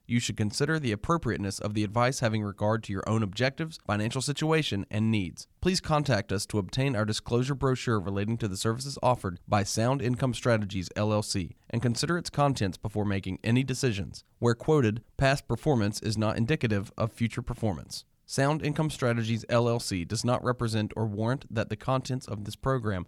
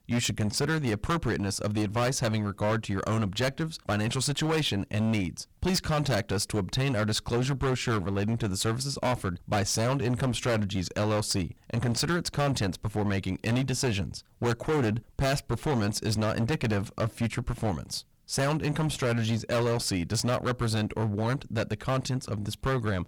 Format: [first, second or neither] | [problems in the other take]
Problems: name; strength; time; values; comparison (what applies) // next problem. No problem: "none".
first | distortion; heavy; 16% of the sound clipped